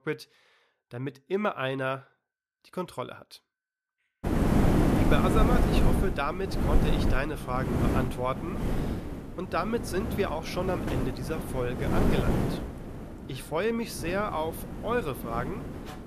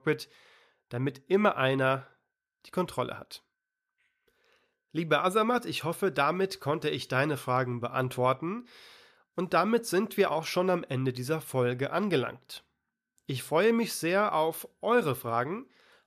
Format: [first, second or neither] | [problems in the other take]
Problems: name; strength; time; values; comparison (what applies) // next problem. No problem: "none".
second | wind noise on the microphone; heavy; from 4 s on; 2 dB below the speech